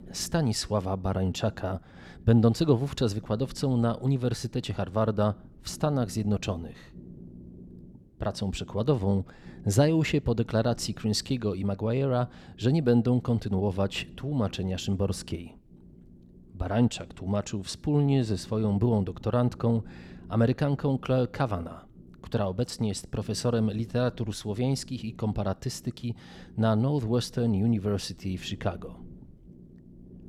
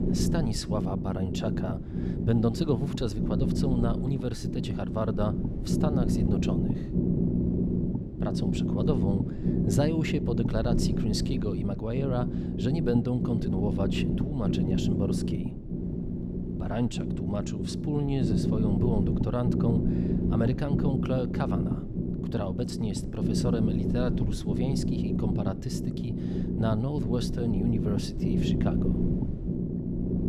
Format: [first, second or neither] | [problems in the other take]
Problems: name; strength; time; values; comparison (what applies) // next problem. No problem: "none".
first | low rumble; loud; throughout; 1 dB below the speech; faint in the first